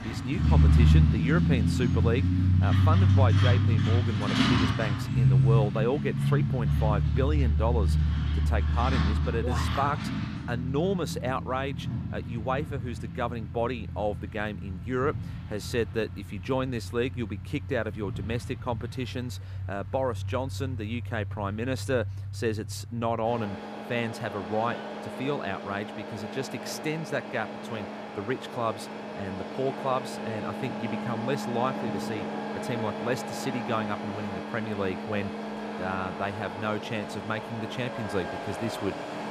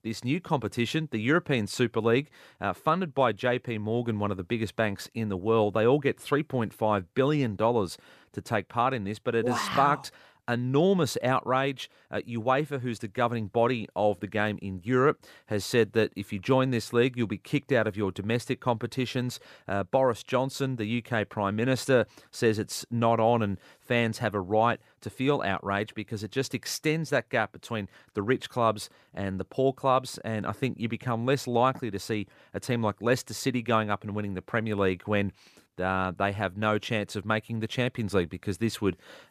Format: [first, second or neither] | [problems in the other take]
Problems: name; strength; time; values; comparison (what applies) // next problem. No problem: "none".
second | traffic noise; very loud; throughout; 3 dB above the speech